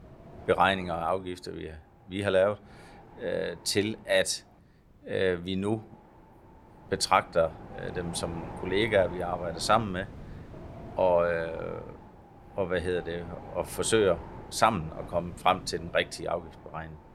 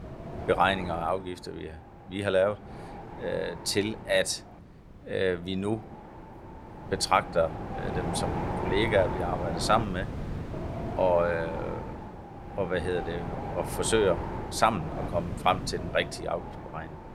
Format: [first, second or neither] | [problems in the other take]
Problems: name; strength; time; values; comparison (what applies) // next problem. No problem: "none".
first | wind noise on the microphone; heavy; 10 dB below the speech; occasional gusts in the first